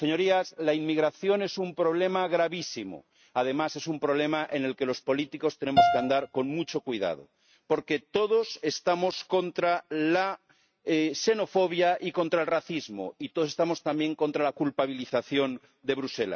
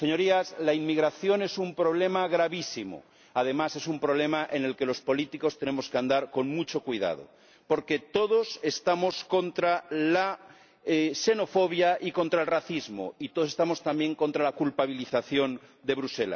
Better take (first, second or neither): second